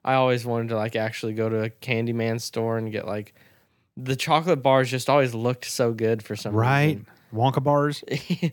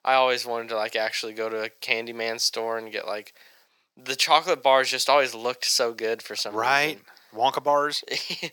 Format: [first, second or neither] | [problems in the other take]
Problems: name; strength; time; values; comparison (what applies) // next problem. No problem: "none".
first | thin; very; fading below 600 Hz